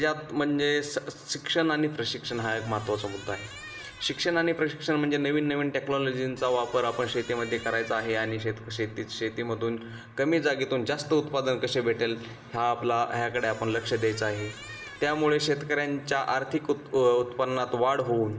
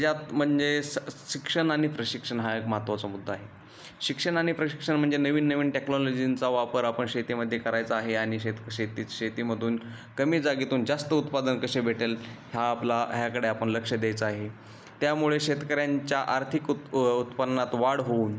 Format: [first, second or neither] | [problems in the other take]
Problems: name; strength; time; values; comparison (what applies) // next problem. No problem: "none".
second | background sound (Squeak); 17 dB below the speech // room echo; dies away in 2.2 s